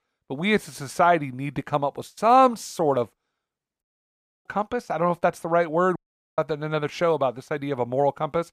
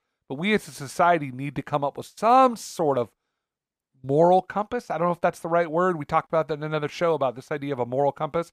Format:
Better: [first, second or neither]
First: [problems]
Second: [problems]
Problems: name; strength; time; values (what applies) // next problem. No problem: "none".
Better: second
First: audio cutting out; at 4 s for 0.5 s and at 6 s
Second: none